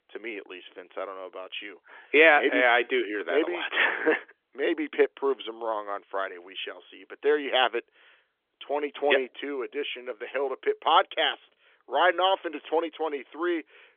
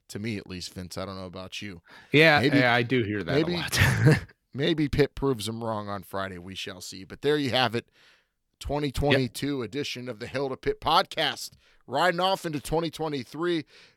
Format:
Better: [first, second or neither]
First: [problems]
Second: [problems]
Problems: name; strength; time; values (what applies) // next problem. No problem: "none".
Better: second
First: phone-call audio; nothing above 3.5 kHz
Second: none